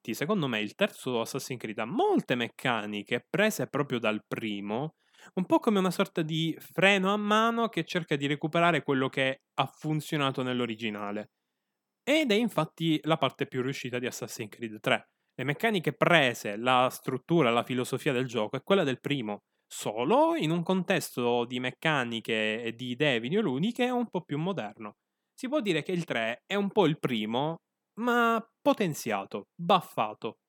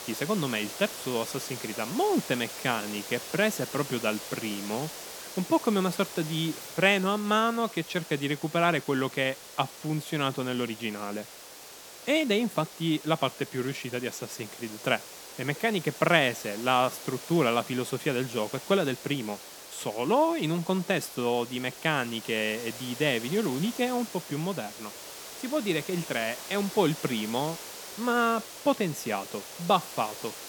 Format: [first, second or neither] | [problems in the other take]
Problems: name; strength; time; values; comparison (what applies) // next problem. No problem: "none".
first | hiss; noticeable; throughout; 10 dB below the speech